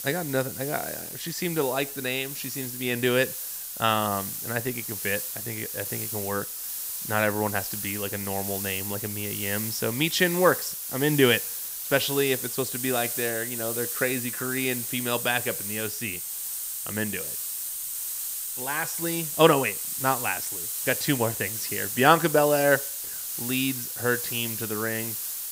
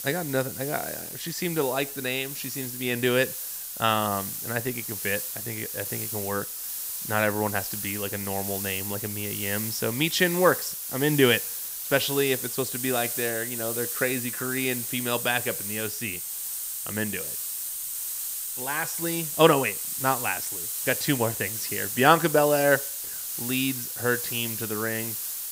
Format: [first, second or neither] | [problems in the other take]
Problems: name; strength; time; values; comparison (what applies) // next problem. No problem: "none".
neither | hiss; loud; throughout; 3 dB below the speech; the same in both